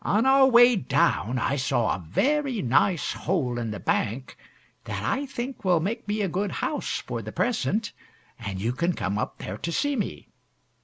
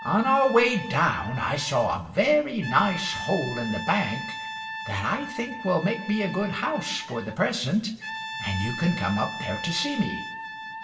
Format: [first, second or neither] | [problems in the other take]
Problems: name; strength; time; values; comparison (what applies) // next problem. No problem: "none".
first | background sound (Brass instrument); 10 dB below the speech // room echo; dies away in 0.8 s